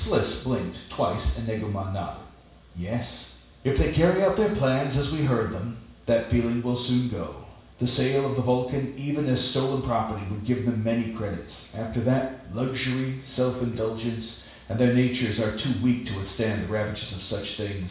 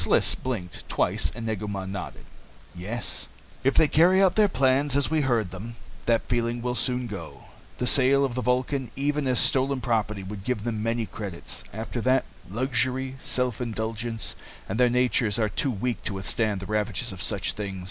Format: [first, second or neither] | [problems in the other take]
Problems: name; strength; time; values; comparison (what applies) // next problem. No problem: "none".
second | room echo; dies away in 0.7 s